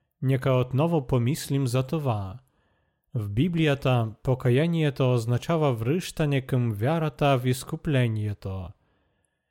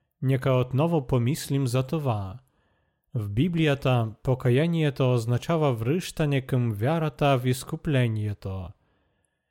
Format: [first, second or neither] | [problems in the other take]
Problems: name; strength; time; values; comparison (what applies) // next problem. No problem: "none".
neither | none